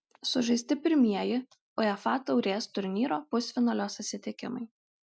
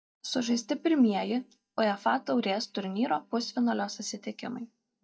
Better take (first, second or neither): first